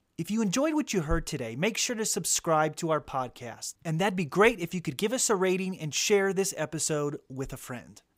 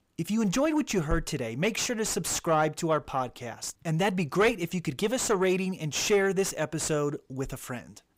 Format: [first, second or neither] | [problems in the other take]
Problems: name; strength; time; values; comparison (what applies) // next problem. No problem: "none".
first | distortion; slight; 10 dB below the speech